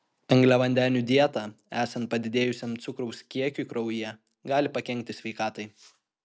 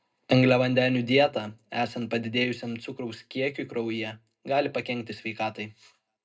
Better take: first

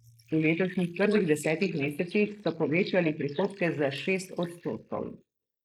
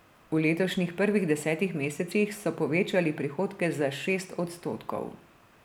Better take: second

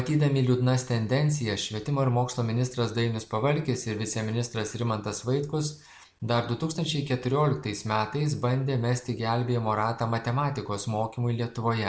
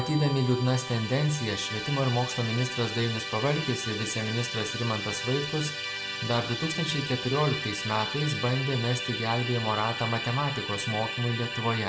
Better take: first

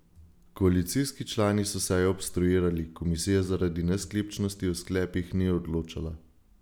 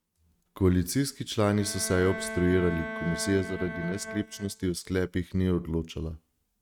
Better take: first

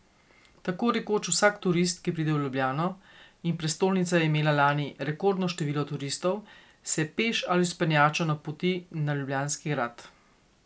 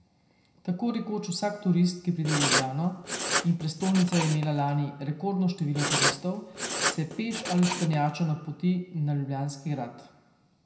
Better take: first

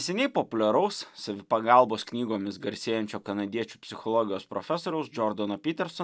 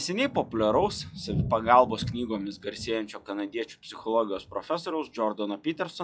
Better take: first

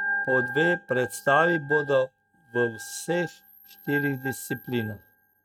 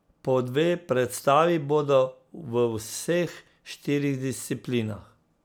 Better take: second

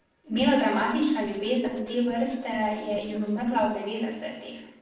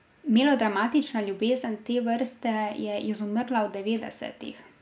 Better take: second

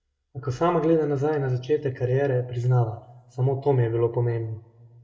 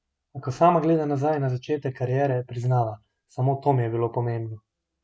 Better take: second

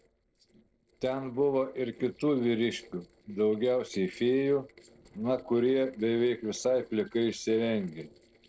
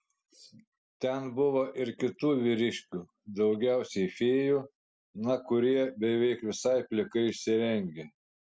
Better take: second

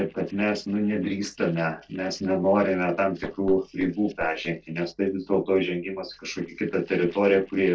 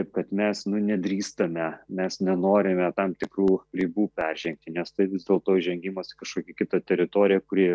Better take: second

